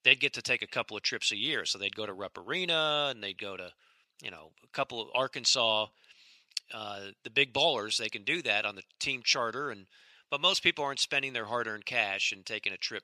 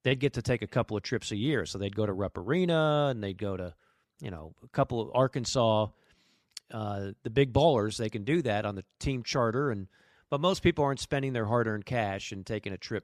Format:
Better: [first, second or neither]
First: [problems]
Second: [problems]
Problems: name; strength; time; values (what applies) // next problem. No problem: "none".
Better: second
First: thin; somewhat; fading below 1 kHz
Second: none